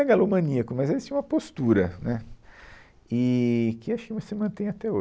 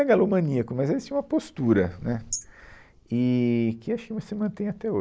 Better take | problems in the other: first | noise reduction (neural mask model Resemble Enhance denoiser)

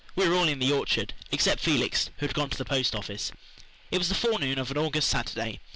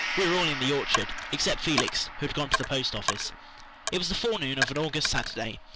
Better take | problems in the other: first | background sound (Gong + Coin (dropping)); 4 dB below the speech

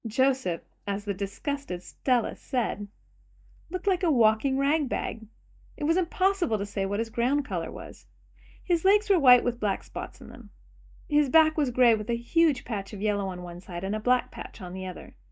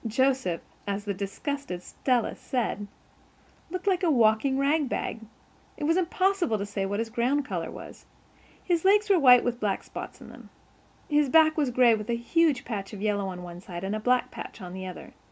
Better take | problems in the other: second | noise reduction (neural mask model DeepFilterNet 3)

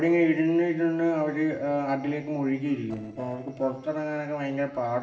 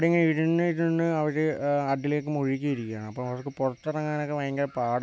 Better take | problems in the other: second | noise reduction (neural separator model SepFormer DNS4)

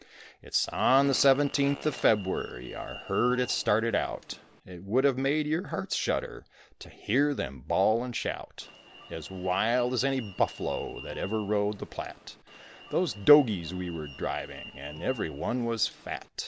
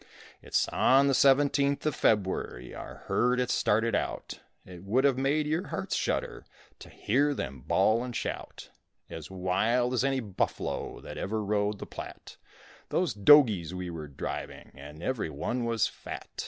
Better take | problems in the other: second | background sound (Alarm + Fart); 18 dB below the speech

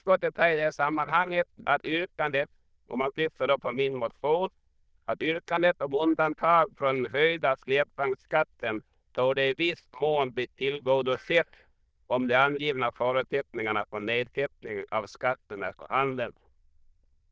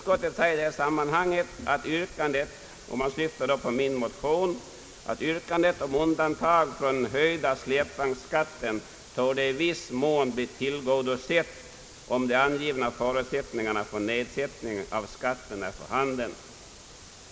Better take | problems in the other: second | noise reduction (neural diffusion model UNIVERSE++)

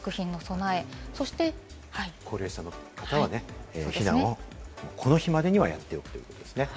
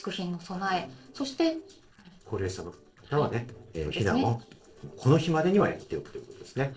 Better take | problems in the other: first | noise reduction (neural separator model SepFormer DNS4)

